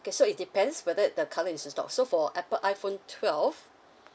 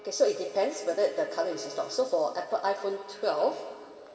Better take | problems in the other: first | background sound (Bowed string instrument); 18 dB below the speech // room echo; dies away in 2.5 s

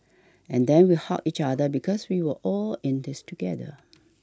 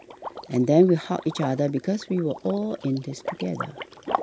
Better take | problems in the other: first | background sound (Liquid); 11 dB below the speech

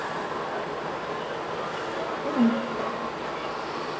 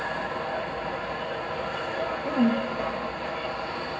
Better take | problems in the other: first | room echo; dies away in 0.4 s

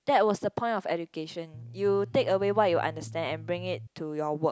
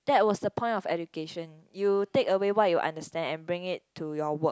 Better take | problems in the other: second | background sound (Bass guitar); 14 dB below the speech

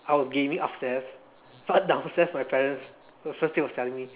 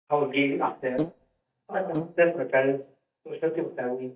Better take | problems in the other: first | noise reduction (neural mask model DeepFilterNet 3)

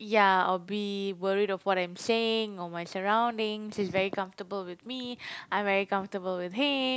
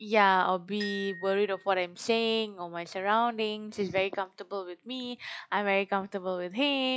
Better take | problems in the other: first | noise reduction (classical method log-MMSE)

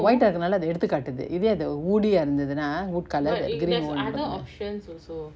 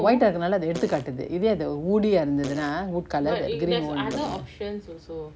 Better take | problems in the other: first | background sound (Fart); 19 dB below the speech

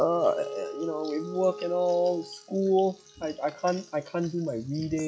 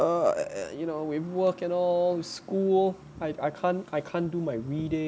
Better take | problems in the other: second | noise reduction (classical method log-MMSE)

